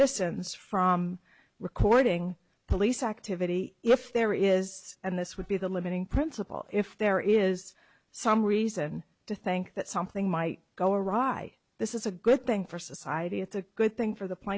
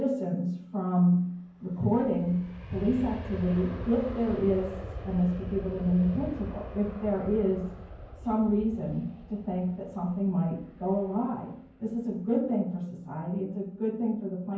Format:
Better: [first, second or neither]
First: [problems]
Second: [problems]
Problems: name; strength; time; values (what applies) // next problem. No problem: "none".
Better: first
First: none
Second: background sound (Aircraft); 13 dB below the speech // room echo; dies away in 0.9 s